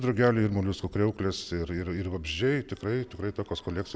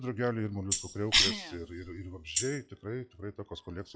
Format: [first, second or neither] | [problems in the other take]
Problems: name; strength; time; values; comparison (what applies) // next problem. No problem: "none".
first | noise reduction (classical method log-MMSE)